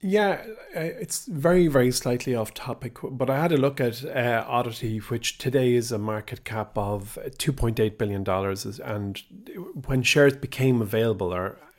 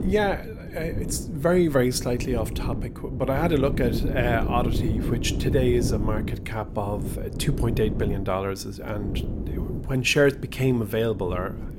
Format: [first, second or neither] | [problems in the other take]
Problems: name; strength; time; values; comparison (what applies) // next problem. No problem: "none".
first | wind noise on the microphone; occasional gusts; 10 dB below the speech